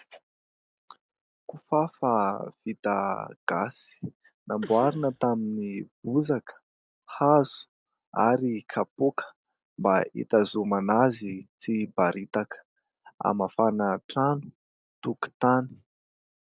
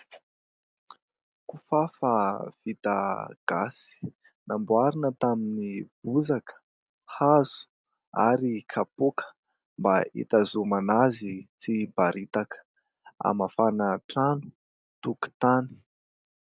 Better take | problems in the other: second | noise reduction (neural separator model SepFormer DNS4)

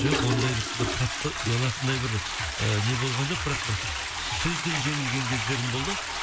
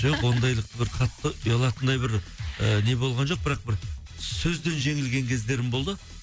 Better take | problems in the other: second | background sound (Toilet flush); 2 dB below the speech

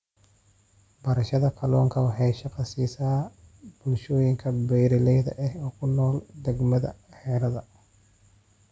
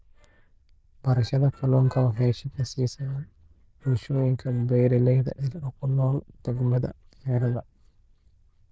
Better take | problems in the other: first | noise reduction (neural diffusion model UNIVERSE++)

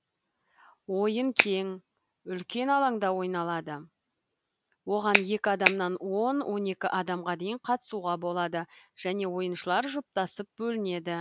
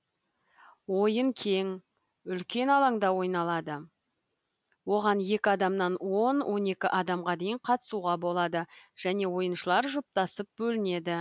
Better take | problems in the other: second | background sound (Finger snapping); 3 dB above the speech

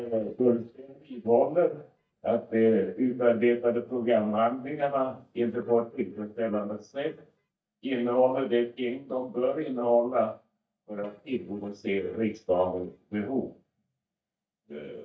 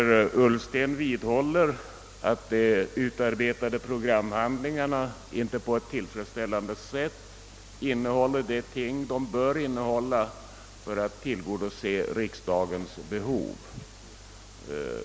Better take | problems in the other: second | noise reduction (neural mask model DeepFilterNet 3)

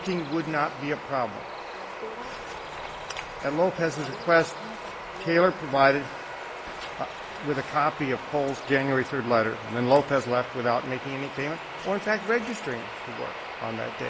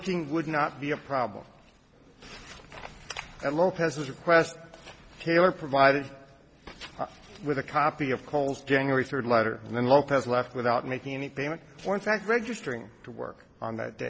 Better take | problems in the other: second | background sound (Bird vocalization, bird call, bird song); 10 dB below the speech

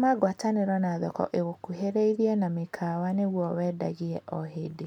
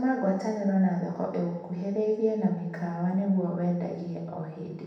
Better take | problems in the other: first | room echo; dies away in 0.9 s

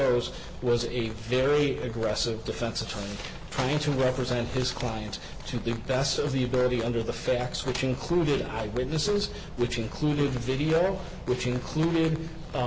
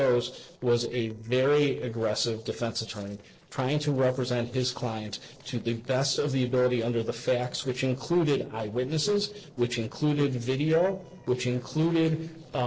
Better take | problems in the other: first | noise reduction (neural separator model SepFormer DNS4)

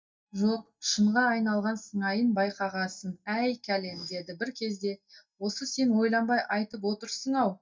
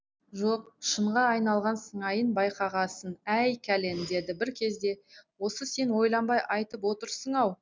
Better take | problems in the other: second | noise reduction (neural mask model DeepFilterNet 3)

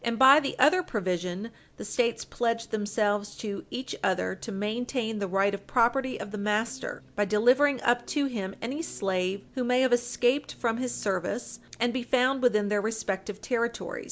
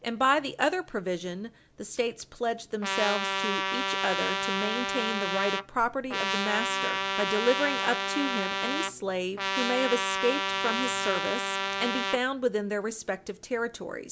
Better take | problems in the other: first | background sound (Trumpet); as loud as the speech

